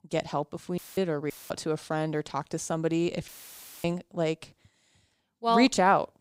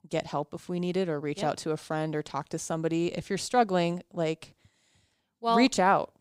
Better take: second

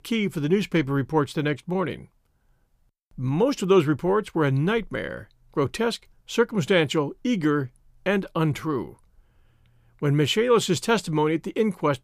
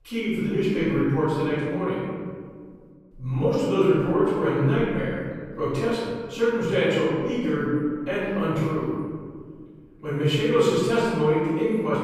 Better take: first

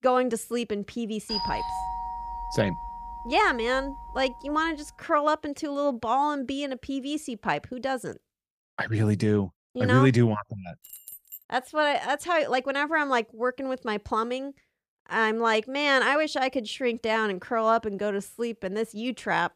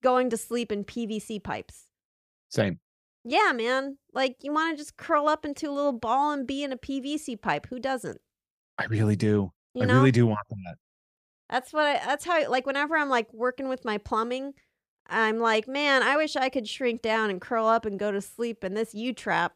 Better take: second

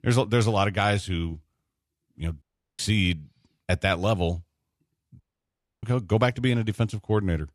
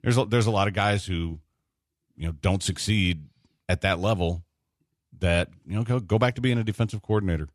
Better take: second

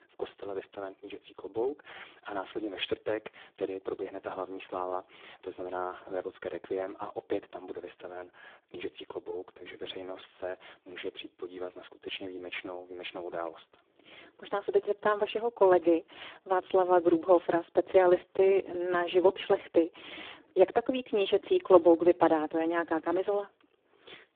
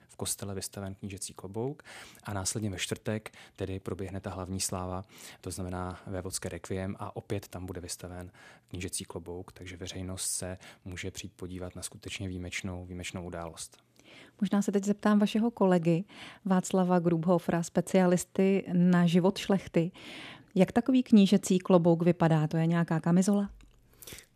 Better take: second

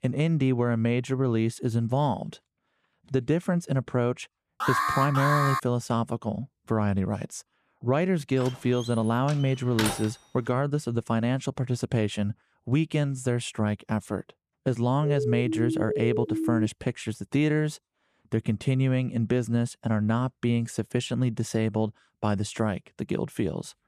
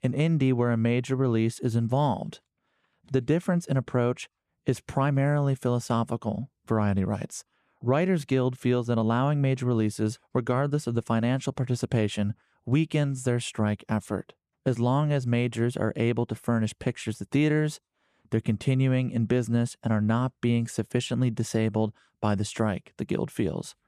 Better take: second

